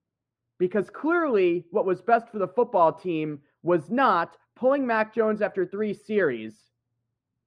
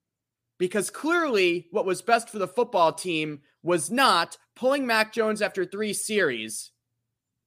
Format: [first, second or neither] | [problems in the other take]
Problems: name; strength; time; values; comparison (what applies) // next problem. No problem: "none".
second | muffled; very; fading above 3.5 kHz